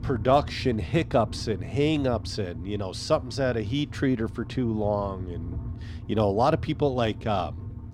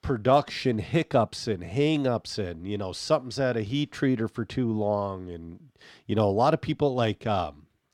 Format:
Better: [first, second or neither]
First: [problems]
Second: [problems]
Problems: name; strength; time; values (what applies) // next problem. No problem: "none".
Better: second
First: low rumble; faint; throughout; 20 dB below the speech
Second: none